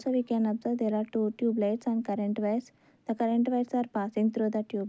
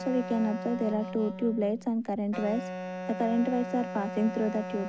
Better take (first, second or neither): first